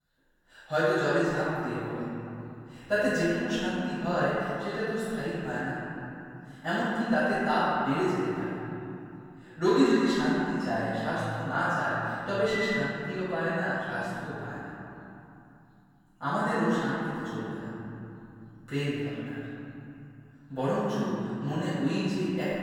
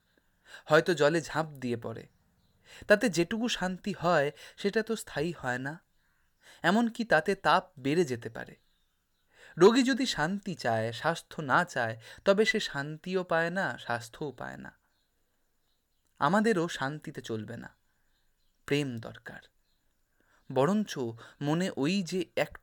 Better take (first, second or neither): second